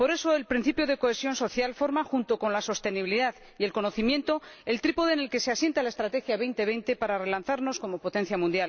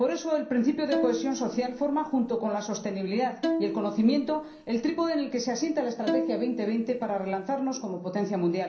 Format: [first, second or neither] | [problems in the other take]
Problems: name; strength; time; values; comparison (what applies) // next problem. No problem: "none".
first | background sound (Bowed string instrument); 5 dB below the speech // room echo; dies away in 0.6 s